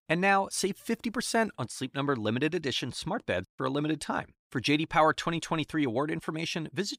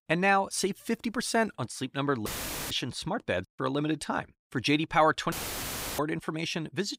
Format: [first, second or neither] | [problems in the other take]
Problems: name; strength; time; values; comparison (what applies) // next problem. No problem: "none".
first | audio cutting out; filled with static; at 2.5 s and at 5.5 s for 0.5 s